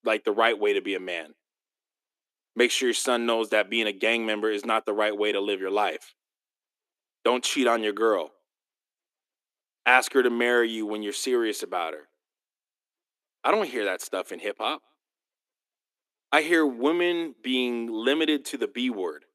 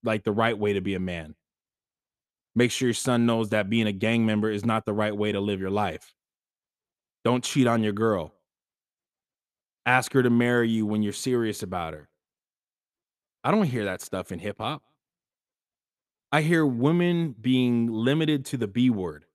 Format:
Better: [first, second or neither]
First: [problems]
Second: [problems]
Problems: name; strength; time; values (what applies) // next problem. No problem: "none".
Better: second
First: thin; somewhat; fading below 300 Hz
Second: none